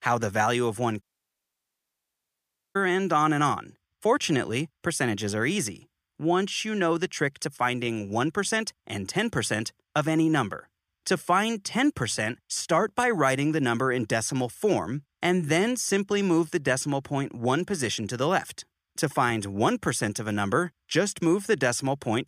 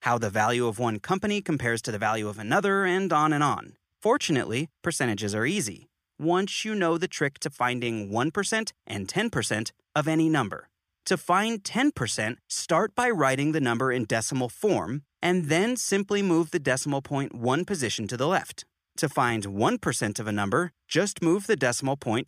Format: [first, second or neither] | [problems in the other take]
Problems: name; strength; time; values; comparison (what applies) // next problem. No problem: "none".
second | audio cutting out; at 1 s for 1.5 s